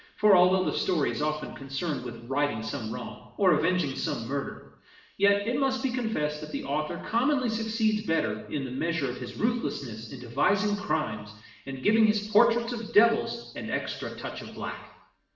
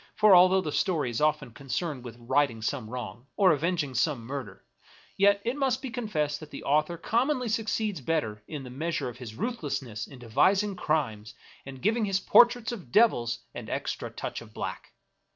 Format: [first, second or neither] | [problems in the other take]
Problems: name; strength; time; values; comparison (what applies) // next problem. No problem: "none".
second | room echo; dies away in 0.8 s